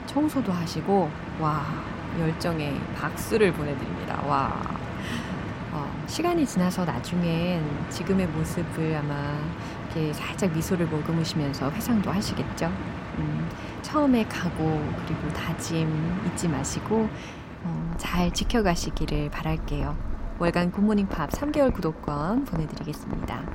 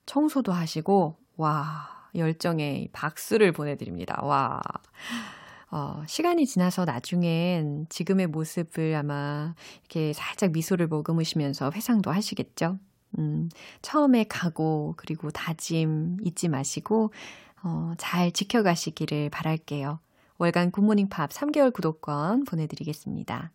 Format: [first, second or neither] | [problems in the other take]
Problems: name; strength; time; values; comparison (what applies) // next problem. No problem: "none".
second | rain or running water; loud; throughout; 7 dB below the speech